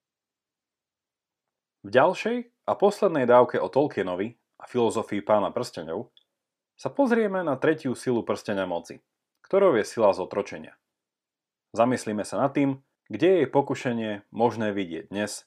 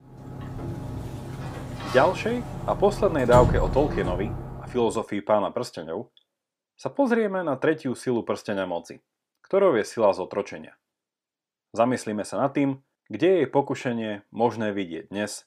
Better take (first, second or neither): first